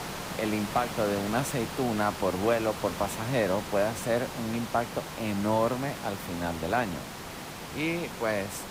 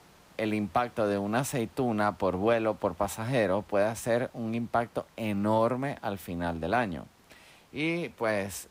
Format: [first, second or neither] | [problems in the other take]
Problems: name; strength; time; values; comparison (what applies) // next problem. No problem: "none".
second | hiss; loud; throughout; 8 dB below the speech; faint in the second